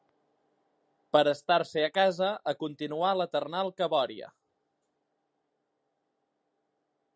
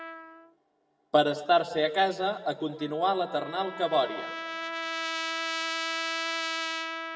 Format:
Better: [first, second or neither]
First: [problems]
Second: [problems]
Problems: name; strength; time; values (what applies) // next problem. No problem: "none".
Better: first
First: none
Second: background sound (Trumpet); 6 dB below the speech // room echo; dies away in 1.4 s